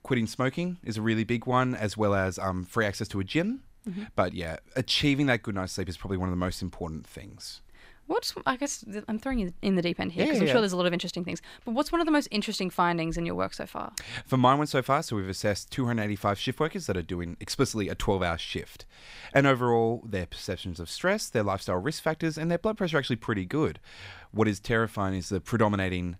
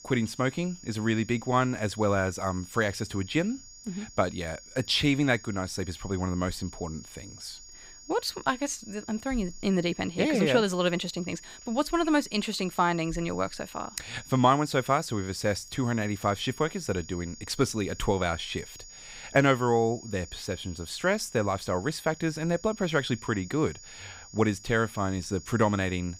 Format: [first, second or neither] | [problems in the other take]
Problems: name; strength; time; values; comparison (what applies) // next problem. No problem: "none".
first | high-pitched whine; noticeable; throughout; 7 kHz, 20 dB below the speech